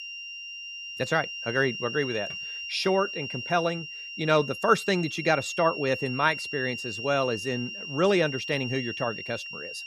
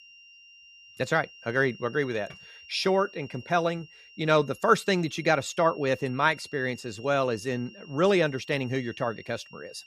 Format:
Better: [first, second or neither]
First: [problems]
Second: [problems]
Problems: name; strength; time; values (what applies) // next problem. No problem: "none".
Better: second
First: high-pitched whine; loud; throughout; 3 kHz, 7 dB below the speech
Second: high-pitched whine; faint; throughout; 3 kHz, 20 dB below the speech